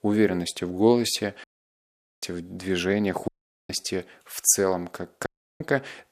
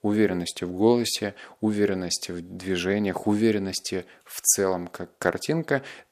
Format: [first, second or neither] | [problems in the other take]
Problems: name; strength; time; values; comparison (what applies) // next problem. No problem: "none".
second | audio cutting out; at 1.5 s for 1 s, at 3.5 s and at 5.5 s